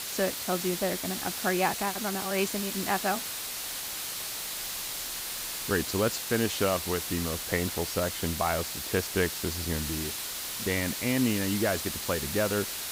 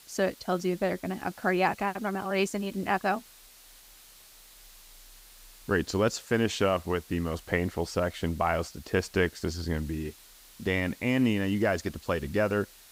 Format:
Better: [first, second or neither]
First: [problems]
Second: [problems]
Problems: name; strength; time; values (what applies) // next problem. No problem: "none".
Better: second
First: hiss; loud; throughout; 2 dB below the speech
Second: hiss; faint; throughout; 20 dB below the speech